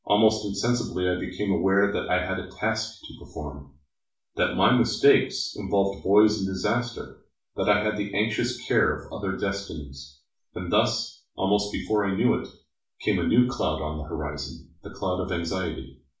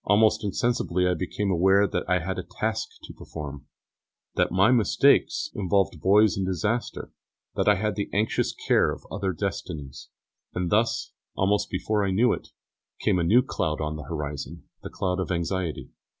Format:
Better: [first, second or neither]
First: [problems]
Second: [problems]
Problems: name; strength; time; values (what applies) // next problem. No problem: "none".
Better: second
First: room echo; dies away in 0.4 s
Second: none